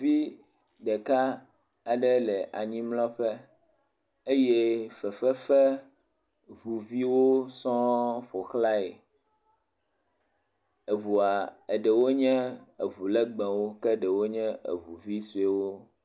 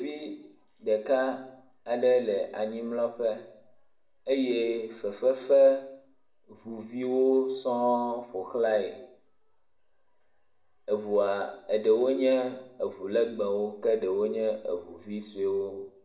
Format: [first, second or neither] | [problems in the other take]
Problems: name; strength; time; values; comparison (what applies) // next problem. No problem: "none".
first | room echo; dies away in 0.7 s